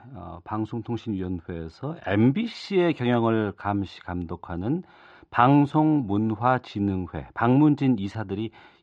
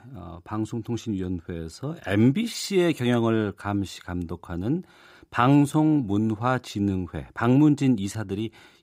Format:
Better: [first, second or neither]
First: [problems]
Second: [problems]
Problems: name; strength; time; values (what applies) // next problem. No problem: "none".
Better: second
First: muffled; slightly; fading above 4 kHz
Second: none